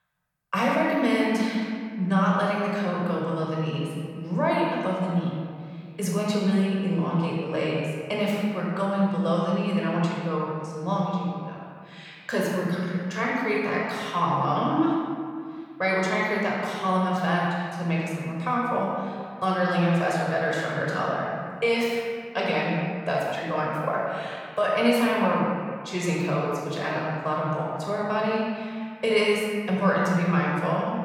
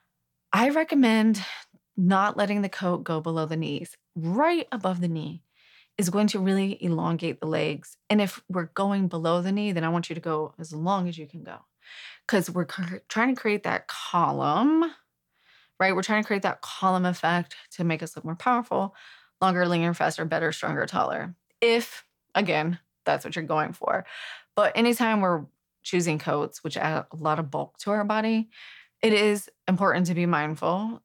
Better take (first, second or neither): second